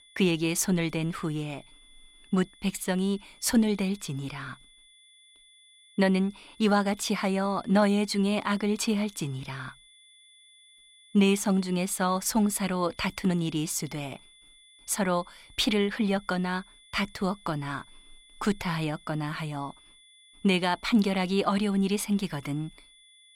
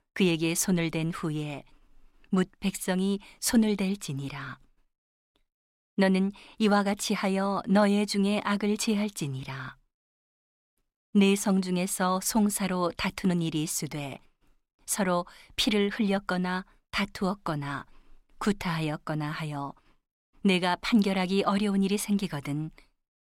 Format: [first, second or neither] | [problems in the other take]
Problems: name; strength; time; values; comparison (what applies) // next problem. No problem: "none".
second | high-pitched whine; faint; throughout; 3.5 kHz, 25 dB below the speech